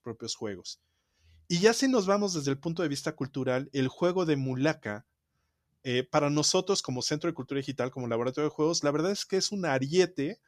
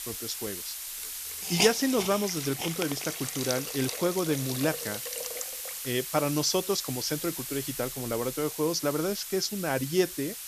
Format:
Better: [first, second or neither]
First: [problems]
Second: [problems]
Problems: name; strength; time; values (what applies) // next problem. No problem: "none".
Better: first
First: none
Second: hiss; loud; throughout; 4 dB below the speech